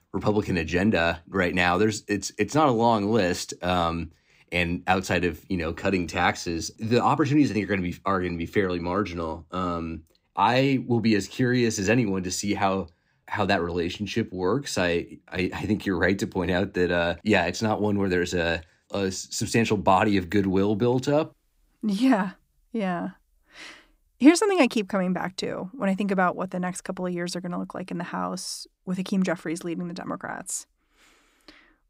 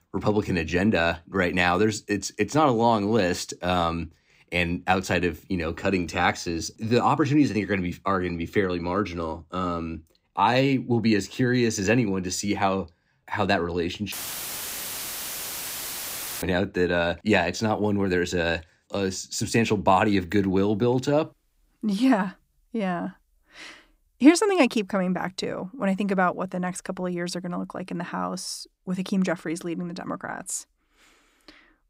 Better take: first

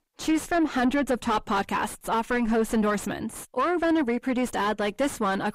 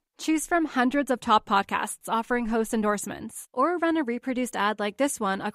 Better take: second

